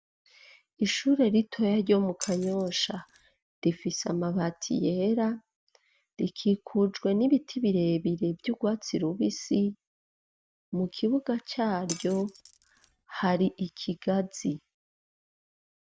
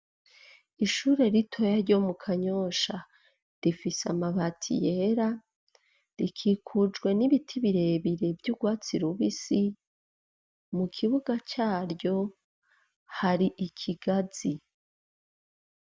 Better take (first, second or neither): second